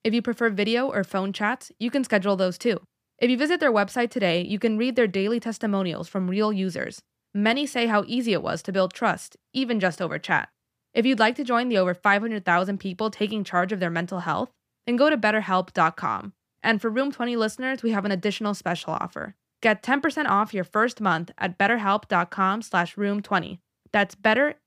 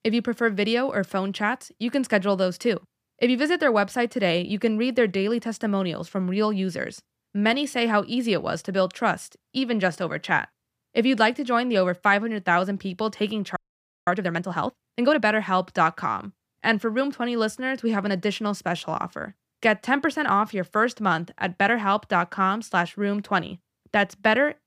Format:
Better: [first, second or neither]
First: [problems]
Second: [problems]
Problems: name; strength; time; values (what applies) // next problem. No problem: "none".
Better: first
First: none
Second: audio freezing; at 14 s for 0.5 s